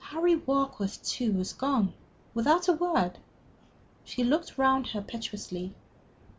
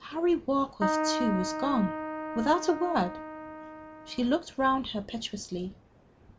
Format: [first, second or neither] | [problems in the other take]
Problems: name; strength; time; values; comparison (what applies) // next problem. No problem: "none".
first | background sound (Keyboard (musical)); 4 dB below the speech